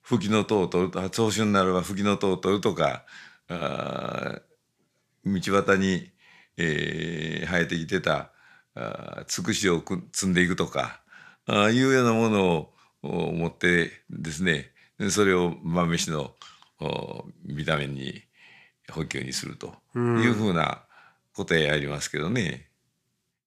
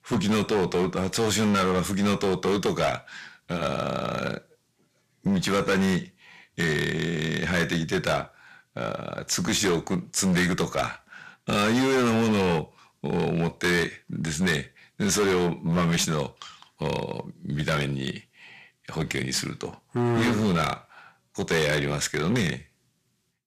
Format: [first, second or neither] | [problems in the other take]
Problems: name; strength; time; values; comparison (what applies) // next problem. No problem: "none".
first | distortion; heavy; 11% of the sound clipped